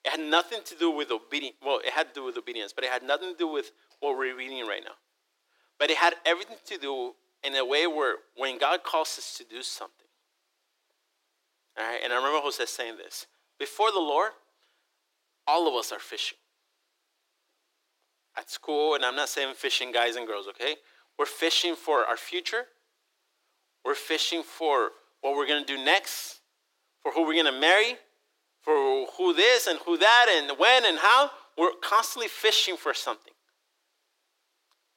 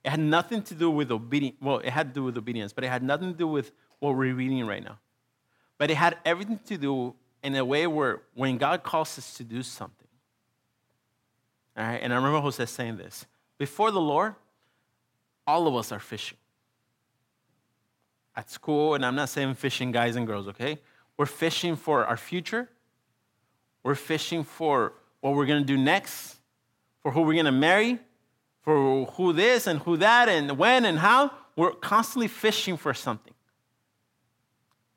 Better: second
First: thin; very; fading below 350 Hz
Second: none

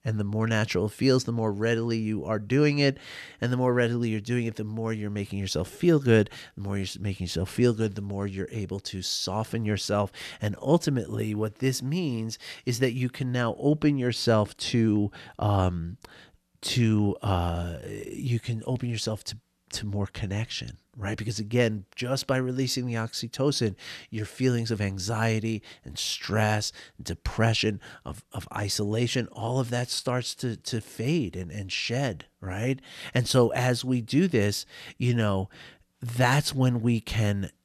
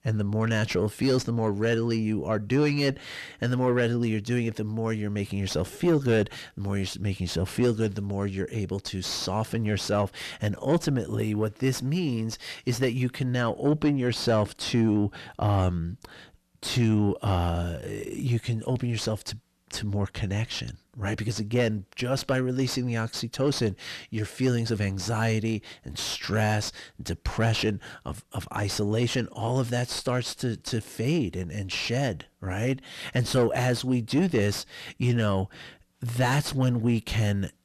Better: first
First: none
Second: distortion; slight; 10 dB below the speech

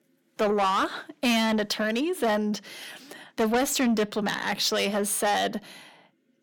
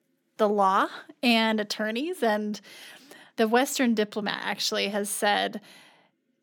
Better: second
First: distortion; heavy; 8 dB below the speech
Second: none

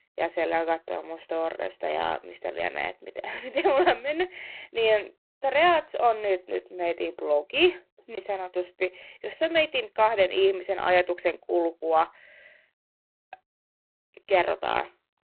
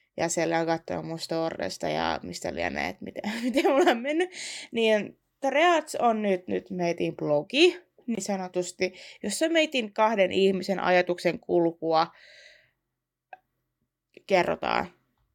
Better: second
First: phone-call audio; poor line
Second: none

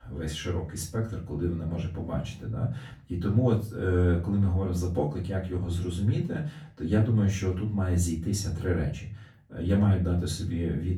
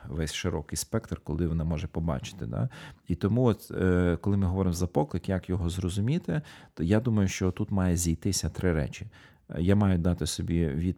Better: second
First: off-mic speech; far // room echo; slight; dies away in 0.3 s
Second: none

